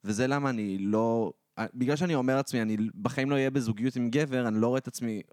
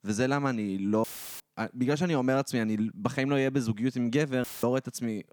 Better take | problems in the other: first | audio cutting out; filled with static; at 1 s and at 4.5 s

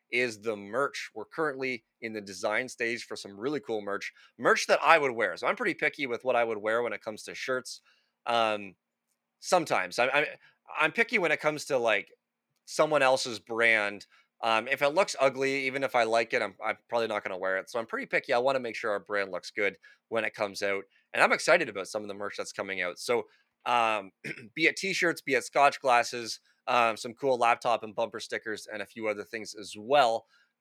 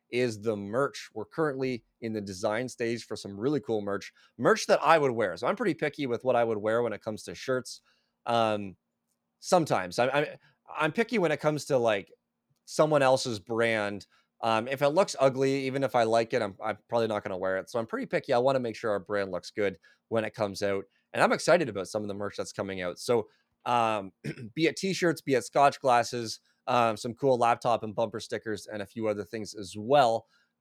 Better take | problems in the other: second | thin; very slightly; fading below 850 Hz

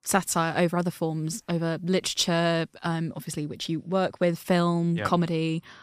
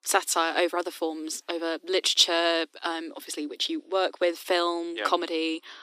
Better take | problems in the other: first | thin; very; fading below 300 Hz

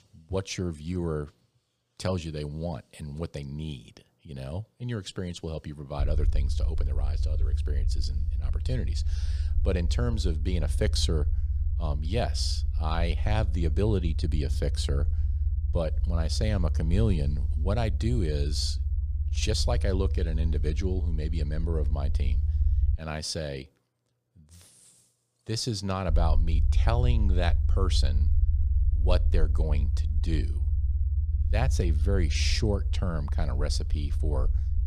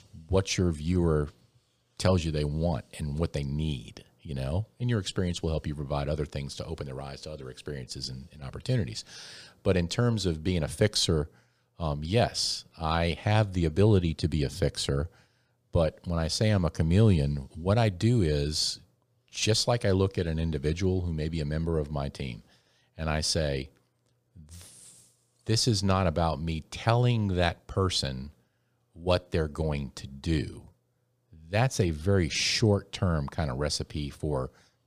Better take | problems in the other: second | low rumble; noticeable; from 6 to 23 s and from 26 s on; 10 dB below the speech

